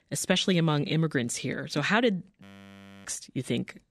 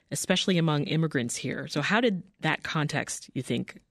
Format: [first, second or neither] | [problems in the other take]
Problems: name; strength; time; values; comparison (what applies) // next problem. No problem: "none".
second | audio freezing; at 2.5 s for 0.5 s